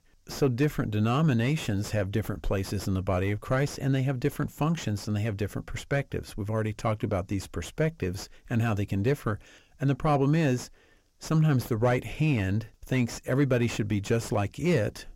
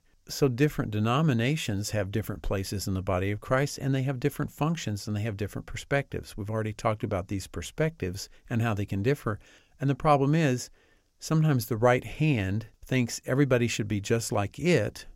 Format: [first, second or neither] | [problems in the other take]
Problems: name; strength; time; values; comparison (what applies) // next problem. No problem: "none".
second | distortion; slight; 10 dB below the speech